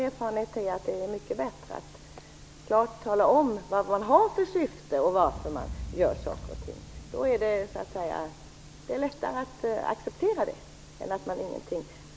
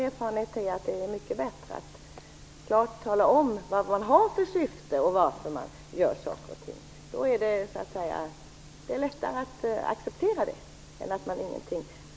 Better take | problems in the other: second | background sound (Boom); 18 dB below the speech

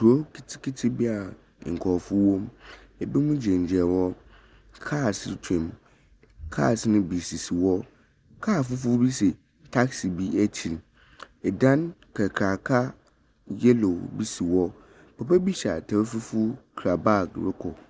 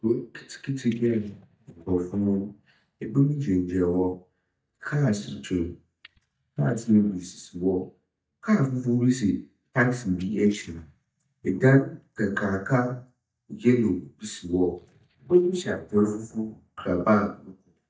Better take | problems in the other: first | noise reduction (neural mask model DeepFilterNet 3)

